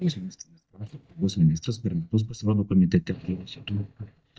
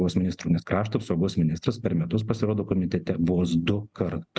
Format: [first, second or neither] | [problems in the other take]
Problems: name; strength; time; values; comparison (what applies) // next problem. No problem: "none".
second | noise reduction (neural mask model DeepFilterNet 3)